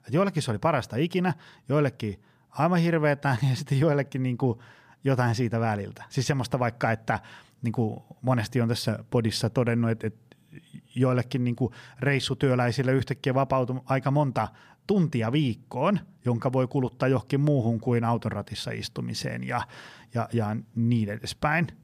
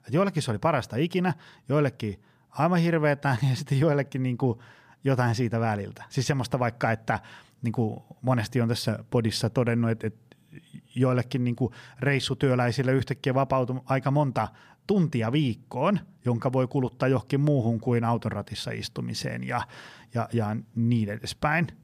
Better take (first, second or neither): neither